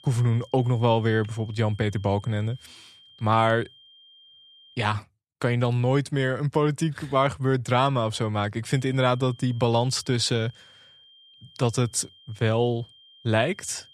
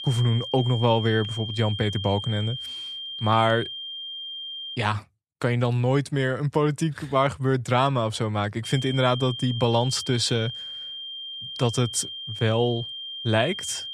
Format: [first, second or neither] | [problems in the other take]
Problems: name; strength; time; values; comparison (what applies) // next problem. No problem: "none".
first | high-pitched whine; loud; until 5 s and from 8.5 s on; 3 kHz, 8 dB below the speech; faint in the first